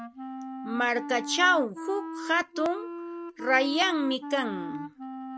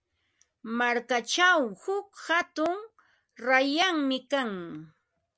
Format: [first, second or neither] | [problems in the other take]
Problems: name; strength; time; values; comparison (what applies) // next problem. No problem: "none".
second | background sound (Wind instrument, woodwind instrument); 9 dB below the speech